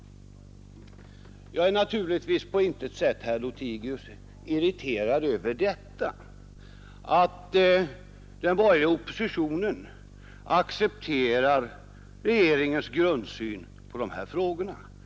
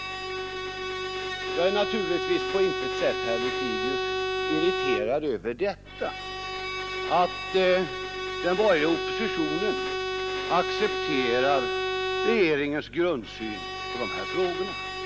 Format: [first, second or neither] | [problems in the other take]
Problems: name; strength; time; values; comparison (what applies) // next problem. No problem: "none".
first | background sound (Bowed string instrument); 2 dB below the speech